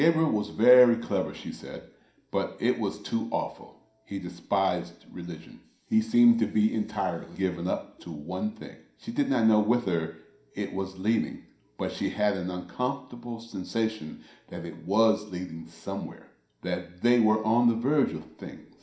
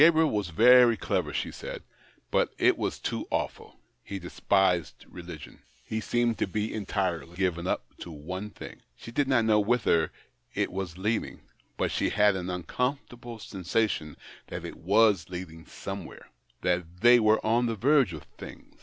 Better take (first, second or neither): second